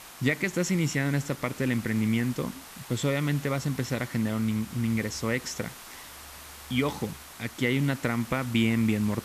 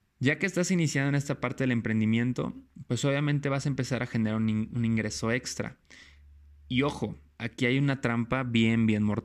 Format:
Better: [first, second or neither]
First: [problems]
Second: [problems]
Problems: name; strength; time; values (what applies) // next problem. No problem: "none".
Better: second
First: hiss; noticeable; throughout; 15 dB below the speech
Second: none